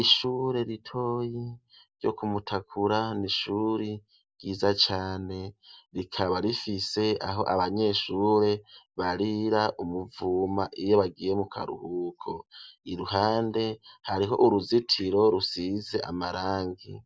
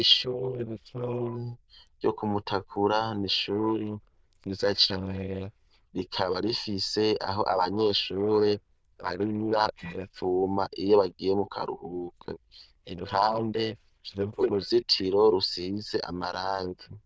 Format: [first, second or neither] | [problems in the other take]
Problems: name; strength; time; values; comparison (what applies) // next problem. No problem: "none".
first | noise reduction (neural diffusion model UNIVERSE++)